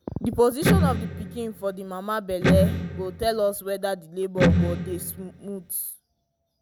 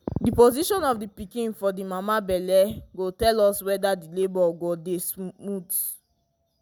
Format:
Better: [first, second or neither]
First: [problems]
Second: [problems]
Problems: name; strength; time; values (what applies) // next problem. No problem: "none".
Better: second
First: background sound (Electric guitar); 3 dB above the speech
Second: none